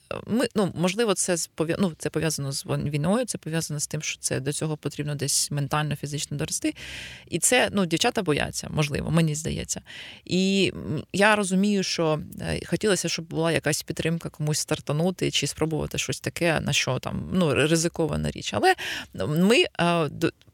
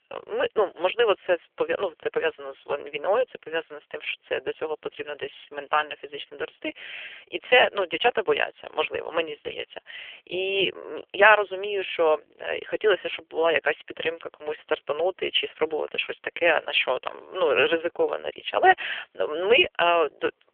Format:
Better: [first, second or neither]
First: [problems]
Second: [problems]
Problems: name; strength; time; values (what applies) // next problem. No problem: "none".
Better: first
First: none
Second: phone-call audio; poor line; nothing above 3 kHz